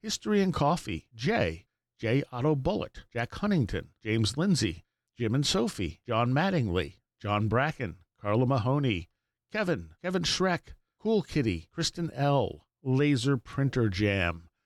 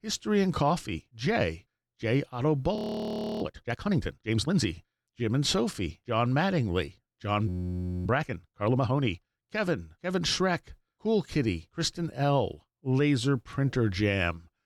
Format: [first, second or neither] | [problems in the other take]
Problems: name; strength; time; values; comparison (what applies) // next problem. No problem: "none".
first | audio freezing; at 3 s for 0.5 s and at 7.5 s for 0.5 s